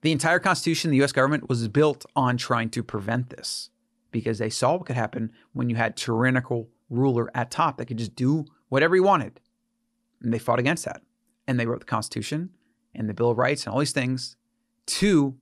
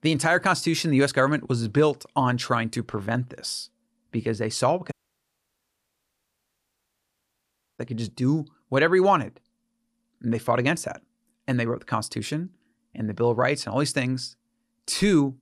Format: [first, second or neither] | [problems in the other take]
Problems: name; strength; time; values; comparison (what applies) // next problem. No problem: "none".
first | audio cutting out; at 5 s for 3 s